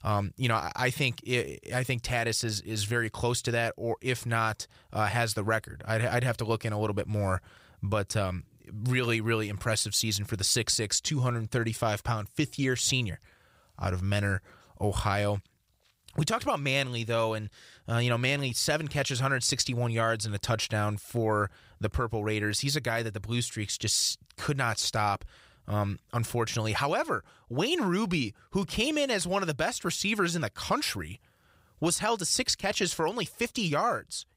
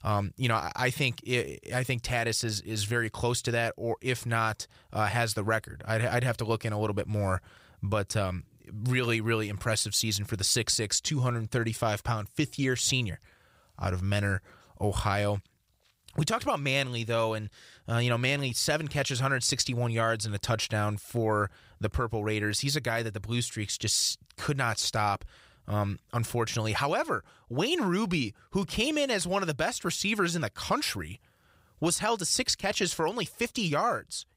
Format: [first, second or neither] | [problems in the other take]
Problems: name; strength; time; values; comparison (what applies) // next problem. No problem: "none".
neither | none